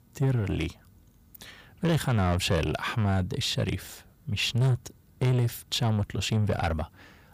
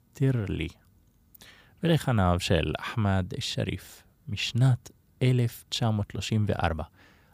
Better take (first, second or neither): second